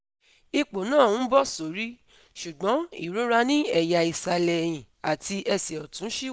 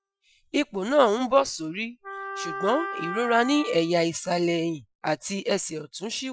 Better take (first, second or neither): first